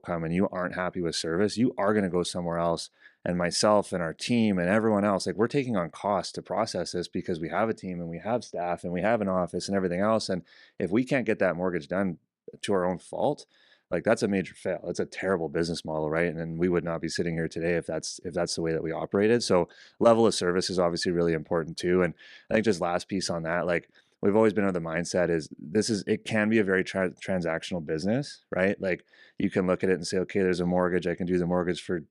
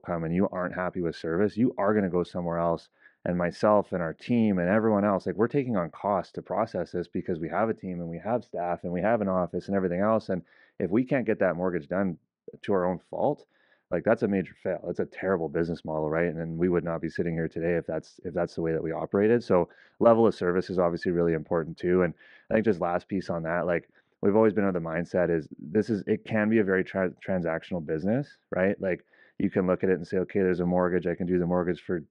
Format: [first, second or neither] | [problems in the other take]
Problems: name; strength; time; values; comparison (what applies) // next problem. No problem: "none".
first | muffled; very; fading above 4 kHz